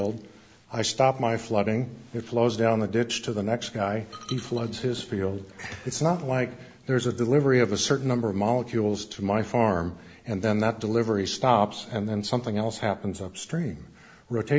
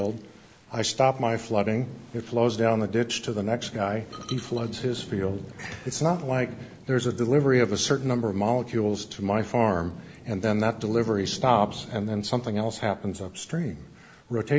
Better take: first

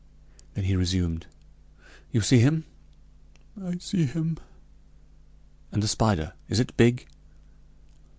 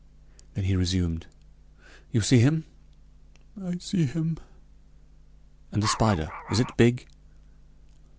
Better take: first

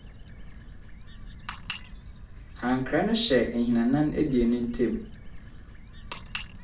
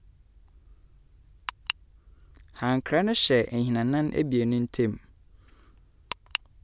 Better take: second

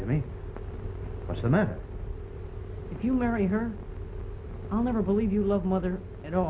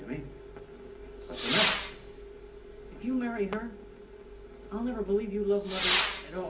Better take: first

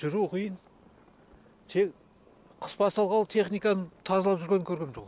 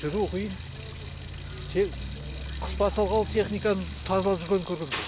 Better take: first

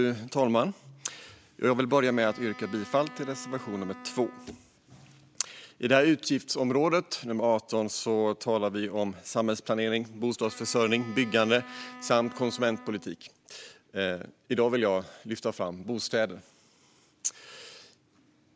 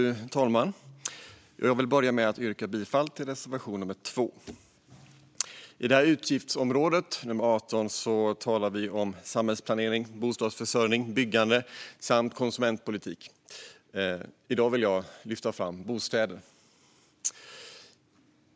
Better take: second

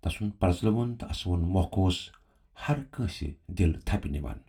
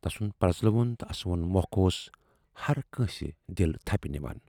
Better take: second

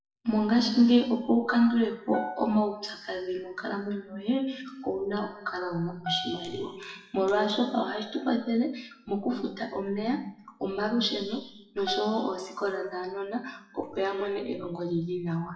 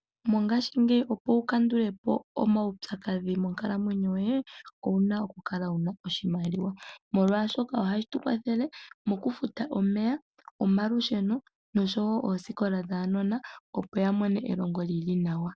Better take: second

